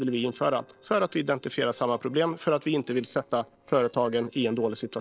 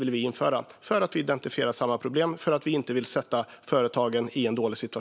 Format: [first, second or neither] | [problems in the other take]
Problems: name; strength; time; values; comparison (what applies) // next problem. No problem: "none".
second | noise reduction (neural separator model SepFormer DNS4)